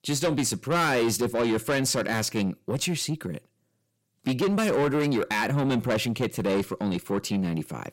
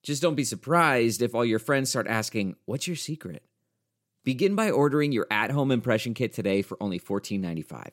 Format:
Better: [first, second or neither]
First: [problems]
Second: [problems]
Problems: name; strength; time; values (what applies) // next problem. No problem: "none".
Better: second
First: distortion; heavy; 7 dB below the speech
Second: none